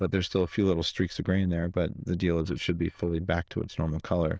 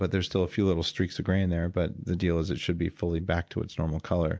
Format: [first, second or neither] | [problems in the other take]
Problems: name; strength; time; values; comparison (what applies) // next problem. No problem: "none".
second | noise reduction (neural diffusion model UNIVERSE++)